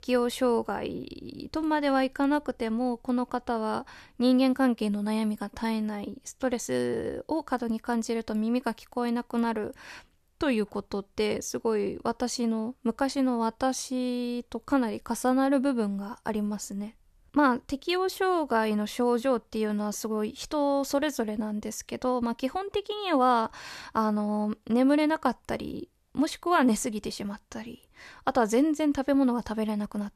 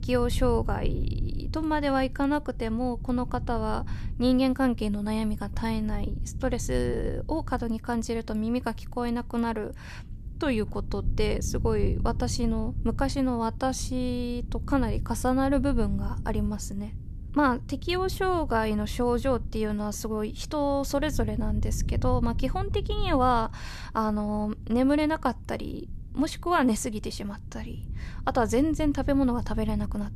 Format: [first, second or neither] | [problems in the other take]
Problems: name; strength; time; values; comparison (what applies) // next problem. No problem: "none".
first | low rumble; faint; throughout; 20 dB below the speech